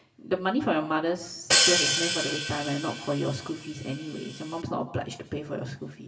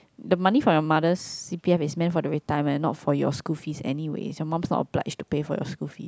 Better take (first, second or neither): second